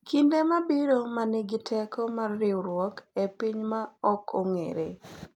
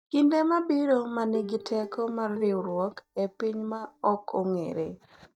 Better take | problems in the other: first | noise reduction (neural mask model DeepFilterNet 3)

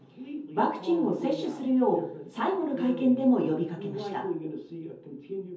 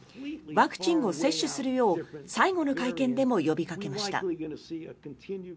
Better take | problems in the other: second | room echo; dies away in 0.5 s

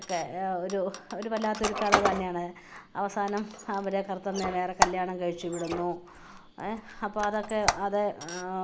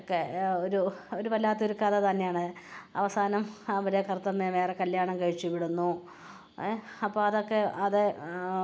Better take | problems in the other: second | background sound (Squeak); 3 dB below the speech

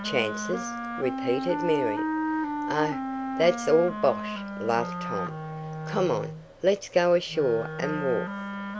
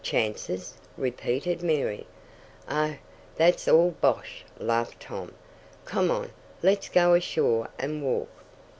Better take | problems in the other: second | background sound (Wind instrument, woodwind instrument); 5 dB below the speech

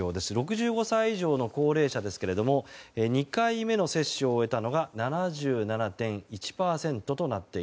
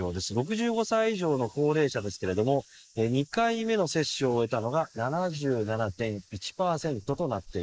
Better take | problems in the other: first | noise reduction (neural mask model Resemble Enhance denoiser)

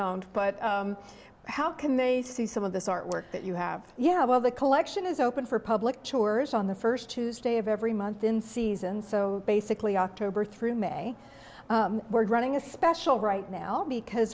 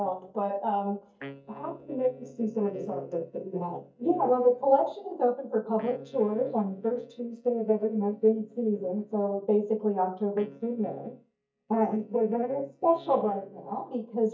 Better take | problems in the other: first | noise reduction (neural mask model DeepFilterNet 3)

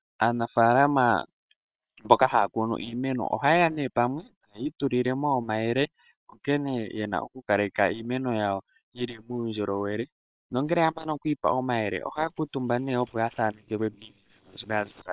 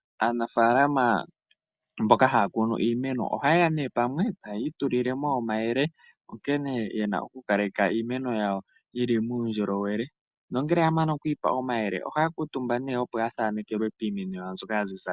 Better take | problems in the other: second | noise reduction (neural separator model SepFormer WHAM!)

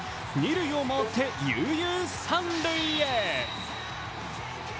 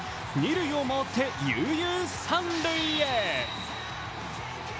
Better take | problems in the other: second | background sound (Bowed string instrument); 12 dB below the speech

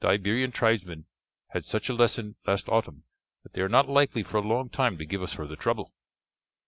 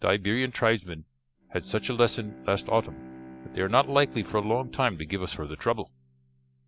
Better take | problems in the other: first | background sound (Bowed string instrument); 19 dB below the speech

